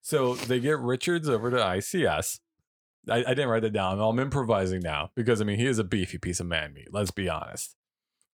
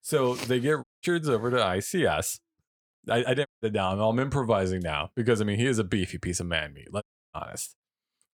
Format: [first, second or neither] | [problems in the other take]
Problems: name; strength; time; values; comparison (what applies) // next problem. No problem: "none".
first | audio cutting out; at 1 s, at 3.5 s and at 7 s